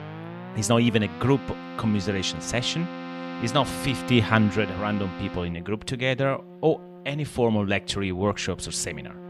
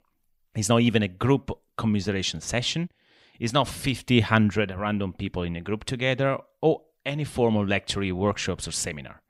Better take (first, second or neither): second